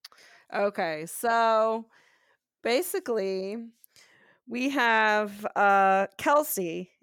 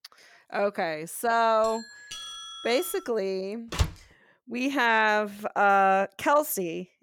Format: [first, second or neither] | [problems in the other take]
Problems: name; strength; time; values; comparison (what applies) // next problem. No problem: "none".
first | doorbell; faint; from 1.5 to 3 s; peak 10 dB below the speech // door banging; noticeable; at 3.5 s; peak 5 dB below the speech